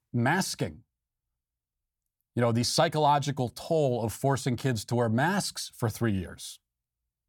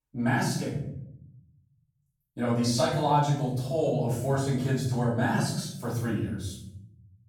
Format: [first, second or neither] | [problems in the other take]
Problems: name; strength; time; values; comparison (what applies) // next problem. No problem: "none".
first | off-mic speech; far // room echo; noticeable; dies away in 0.9 s